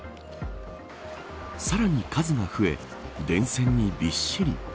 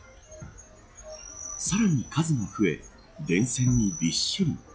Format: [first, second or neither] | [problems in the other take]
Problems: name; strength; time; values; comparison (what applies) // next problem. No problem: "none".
first | noise reduction (classical method log-MMSE)